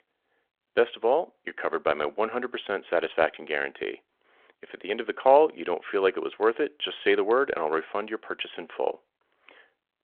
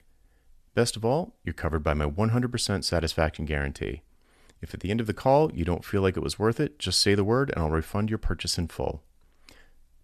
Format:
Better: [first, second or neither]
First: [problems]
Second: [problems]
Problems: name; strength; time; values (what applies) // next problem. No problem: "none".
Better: second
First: phone-call audio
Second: none